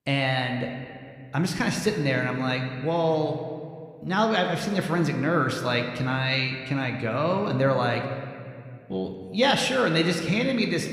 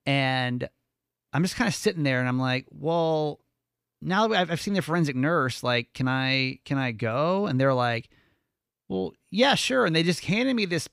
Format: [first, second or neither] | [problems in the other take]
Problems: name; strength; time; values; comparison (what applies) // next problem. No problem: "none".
second | room echo; slight; dies away in 1.8 s